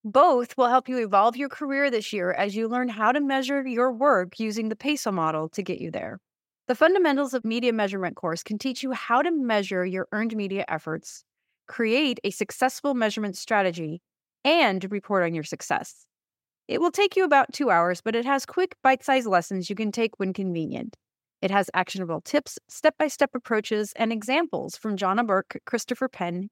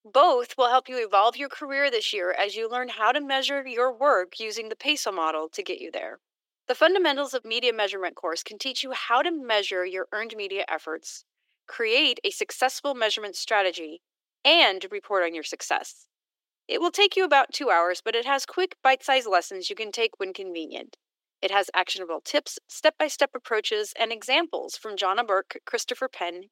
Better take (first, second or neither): first